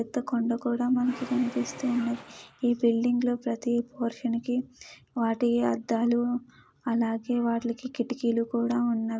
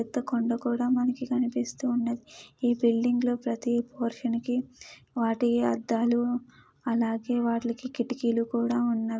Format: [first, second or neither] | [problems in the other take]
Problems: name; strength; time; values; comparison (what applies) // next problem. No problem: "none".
second | background sound (Engine / Mechanisms); 18 dB below the speech